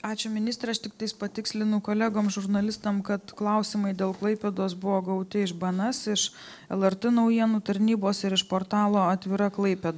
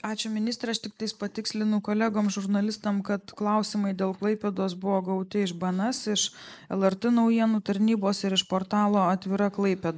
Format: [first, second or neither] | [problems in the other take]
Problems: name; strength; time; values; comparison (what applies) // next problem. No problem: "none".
first | noise reduction (neural mask model Resemble Enhance denoiser)